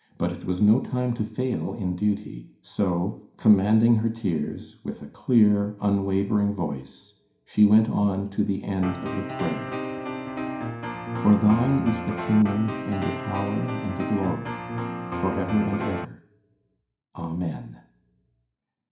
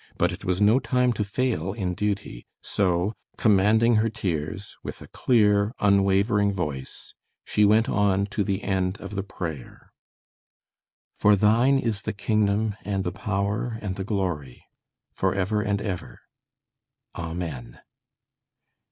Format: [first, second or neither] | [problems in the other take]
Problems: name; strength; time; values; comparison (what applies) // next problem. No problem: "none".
second | background sound (Piano); 6 dB below the speech // room echo; dies away in 0.5 s